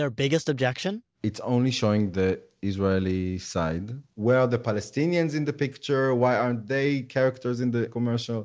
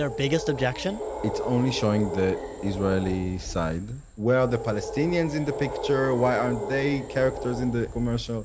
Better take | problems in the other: first | background sound (Animal); 8 dB below the speech

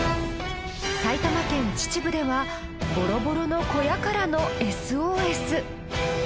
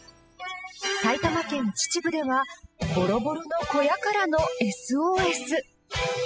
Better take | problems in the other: first | noise reduction (classical method spectral subtraction)

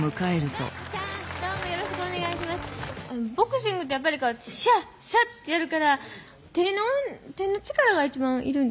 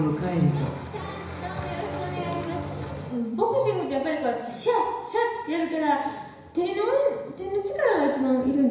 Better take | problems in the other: first | room echo; dies away in 1 s

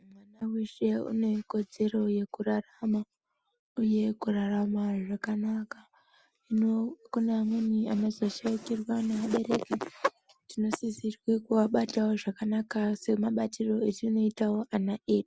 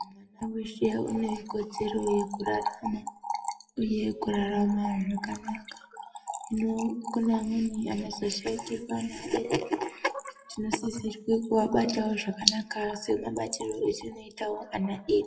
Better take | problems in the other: first | noise reduction (classical method WPE with log-MMSE)

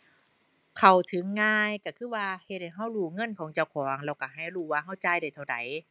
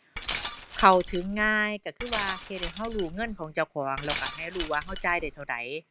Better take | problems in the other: first | background sound (Glass); 9 dB below the speech

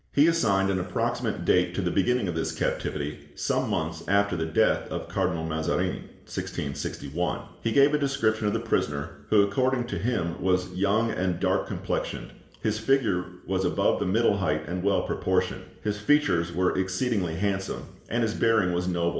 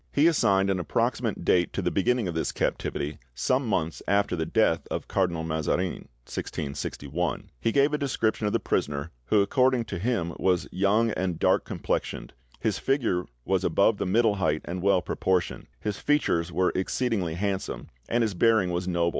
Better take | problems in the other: second | room echo; dies away in 1.2 s

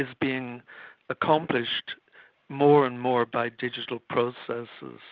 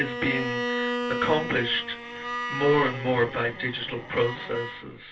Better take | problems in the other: first | background sound (Bowed string instrument); 5 dB below the speech // room echo; dies away in 0.2 s

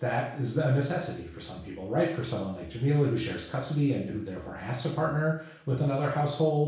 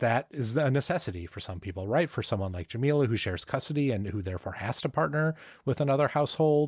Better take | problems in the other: second | room echo; dies away in 0.6 s

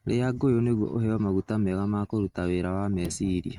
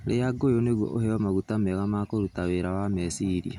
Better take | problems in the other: second | noise reduction (neural mask model RNNoise)

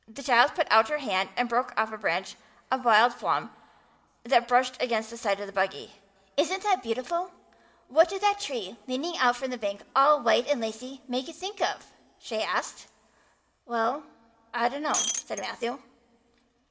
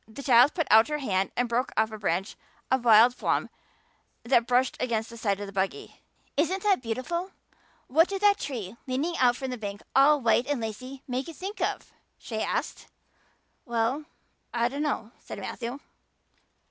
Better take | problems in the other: second | background sound (Shatter); 4 dB below the speech // room echo; dies away in 1 s

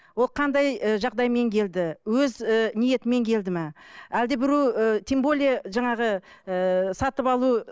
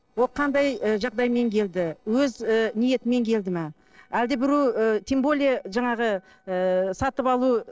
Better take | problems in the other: first | noise reduction (neural separator model SepFormer DNS4)

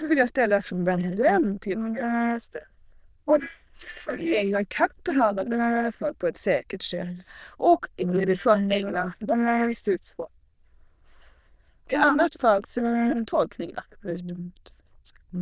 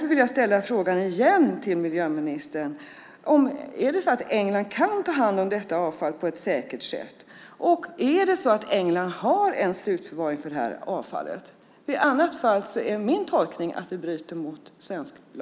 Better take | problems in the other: second | noise reduction (neural diffusion model UNIVERSE++)

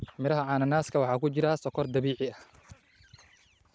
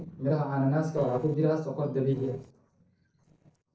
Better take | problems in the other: first | noise reduction (neural separator model SepFormer DNS4)

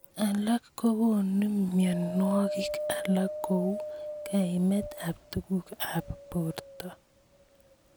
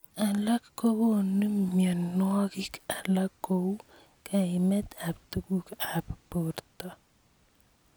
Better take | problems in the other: second | background sound (Wind); 10 dB below the speech

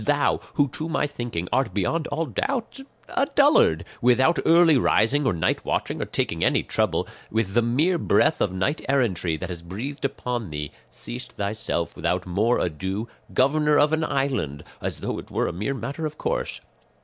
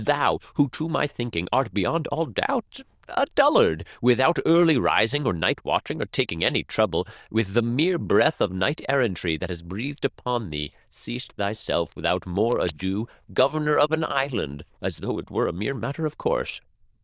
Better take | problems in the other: first | noise reduction (neural diffusion model UNIVERSE++)

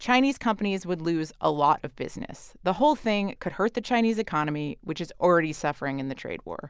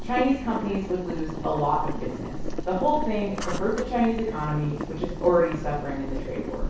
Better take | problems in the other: first | background sound (Boiling); 5 dB below the speech // room echo; dies away in 0.6 s

